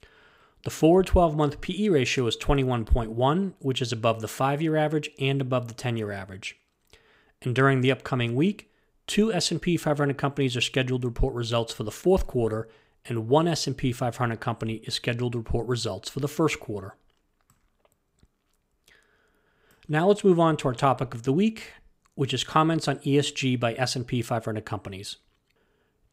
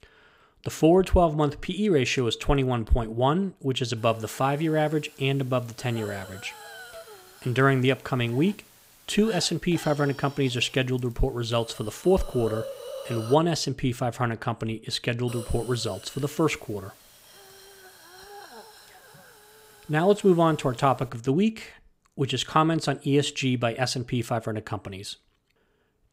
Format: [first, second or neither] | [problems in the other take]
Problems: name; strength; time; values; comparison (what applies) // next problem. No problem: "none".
first | hiss; noticeable; from 4 to 13 s and from 15 to 21 s; 20 dB below the speech